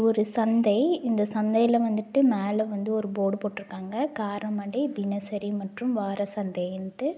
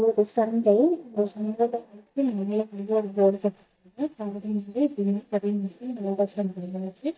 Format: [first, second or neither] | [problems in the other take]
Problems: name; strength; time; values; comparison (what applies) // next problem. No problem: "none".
first | noise reduction (neural mask model DeepFilterNet 3)